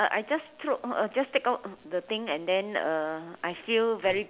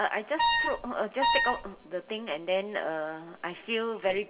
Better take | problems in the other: first | background sound (Wind instrument, woodwind instrument); 3 dB above the speech // room echo; dies away in 1.9 s

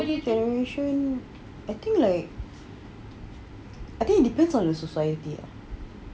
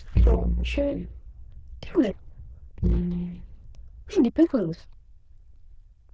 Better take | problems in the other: first | noise reduction (neural diffusion model UNIVERSE++)

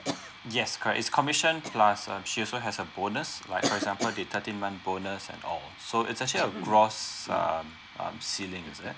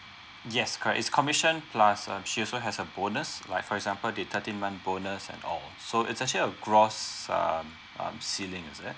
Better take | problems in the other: second | background sound (Cough); 11 dB below the speech

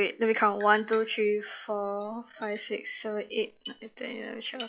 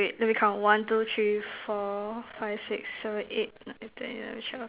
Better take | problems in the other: second | noise reduction (classical method log-MMSE)

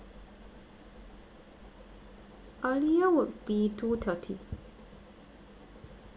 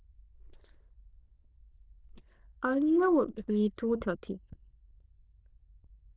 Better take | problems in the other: first | noise reduction (neural diffusion model UNIVERSE++)

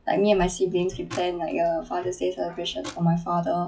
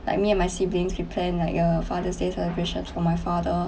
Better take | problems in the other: second | noise reduction (classical method log-MMSE)

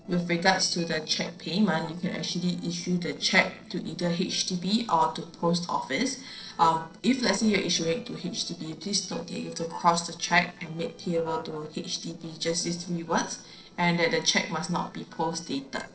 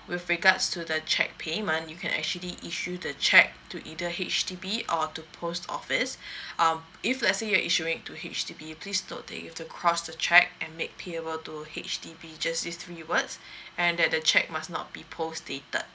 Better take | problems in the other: second | noise reduction (neural separator model SepFormer DNS4)

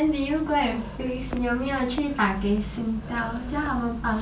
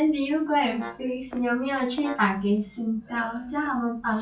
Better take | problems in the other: first | noise reduction (classical method log-MMSE)

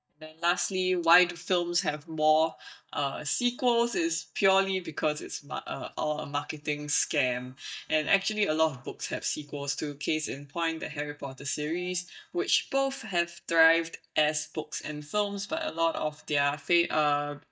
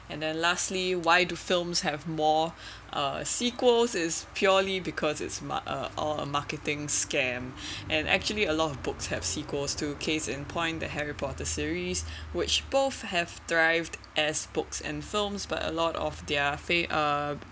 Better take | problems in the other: second | noise reduction (neural mask model DeepFilterNet 3)

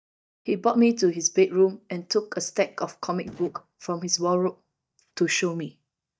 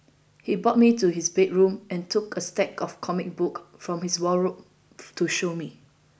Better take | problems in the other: second | noise reduction (neural mask model DeepFilterNet 3)

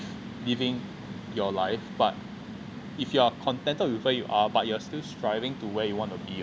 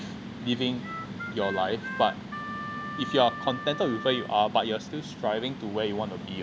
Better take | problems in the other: first | background sound (Harmonica); 9 dB below the speech

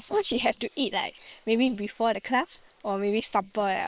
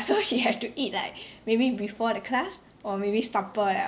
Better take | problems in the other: second | noise reduction (neural separator model SepFormer WHAM!)

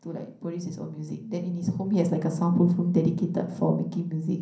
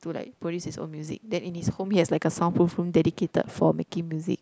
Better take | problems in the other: second | room echo; dies away in 0.6 s

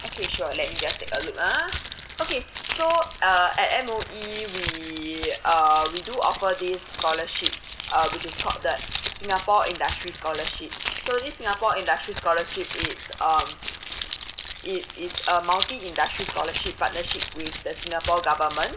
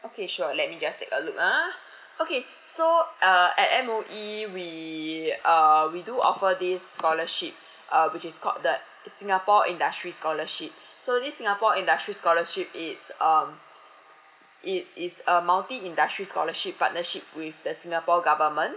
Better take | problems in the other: second | background sound (Keys jangling); 8 dB below the speech

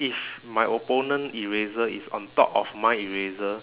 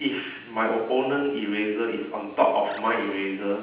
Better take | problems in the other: first | background sound (Animal); 20 dB below the speech // room echo; dies away in 0.8 s

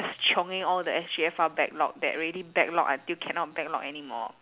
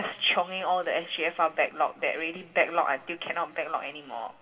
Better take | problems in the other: first | room echo; dies away in 3 s

